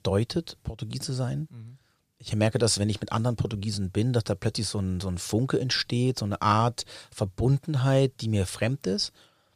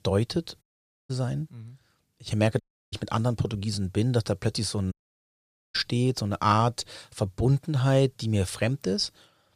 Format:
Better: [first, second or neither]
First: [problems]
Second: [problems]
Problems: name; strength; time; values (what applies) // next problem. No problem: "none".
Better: first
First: none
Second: audio cutting out; at 0.5 s, at 2.5 s and at 5 s for 1 s